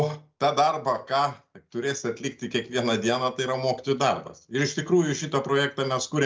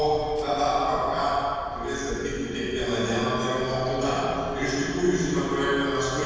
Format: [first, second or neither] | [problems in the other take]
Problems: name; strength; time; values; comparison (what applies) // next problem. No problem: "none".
first | background sound (Bird); 15 dB below the speech // room echo; dies away in 2.1 s